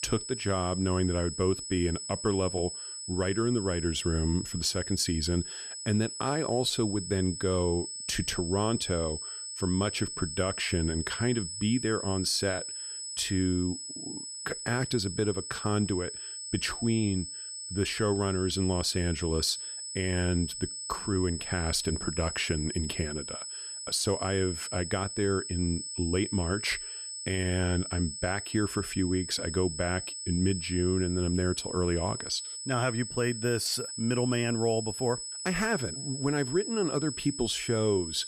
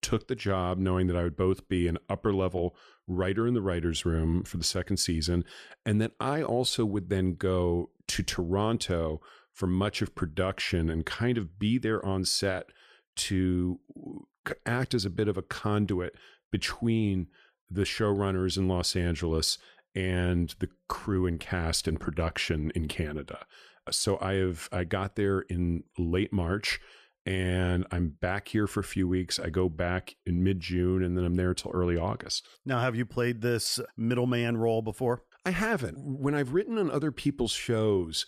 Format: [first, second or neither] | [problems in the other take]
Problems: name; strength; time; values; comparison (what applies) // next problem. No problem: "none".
second | high-pitched whine; loud; throughout; 8 kHz, 6 dB below the speech